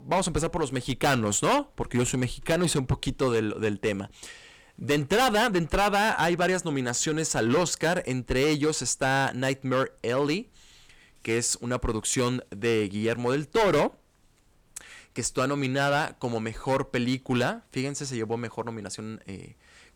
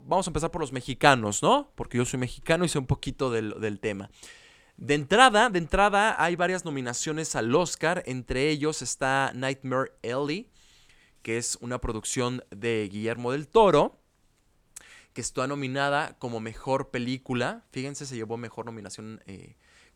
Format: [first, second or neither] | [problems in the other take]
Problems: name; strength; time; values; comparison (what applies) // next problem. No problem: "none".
second | distortion; heavy; 8% of the sound clipped